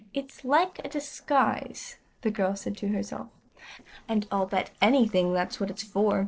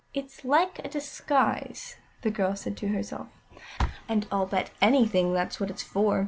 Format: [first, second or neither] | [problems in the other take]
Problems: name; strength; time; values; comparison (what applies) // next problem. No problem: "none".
second | noise reduction (neural separator model SepFormer DNS4)